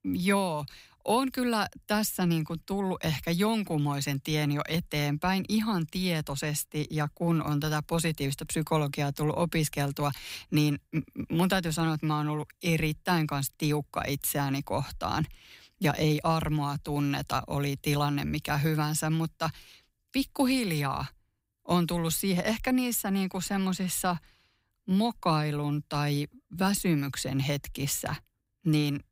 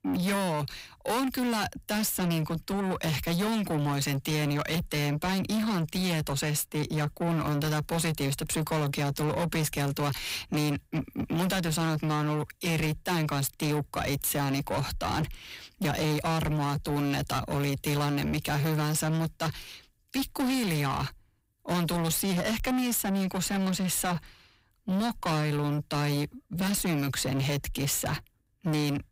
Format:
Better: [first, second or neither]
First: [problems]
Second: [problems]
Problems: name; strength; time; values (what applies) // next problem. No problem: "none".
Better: first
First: none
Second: distortion; heavy; 7 dB below the speech